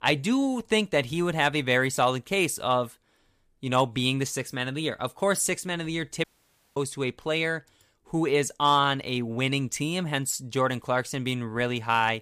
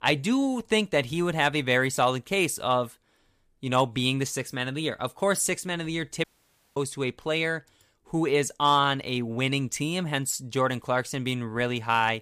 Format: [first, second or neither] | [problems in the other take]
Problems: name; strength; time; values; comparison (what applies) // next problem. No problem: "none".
neither | audio cutting out; at 6 s for 0.5 s; the same in both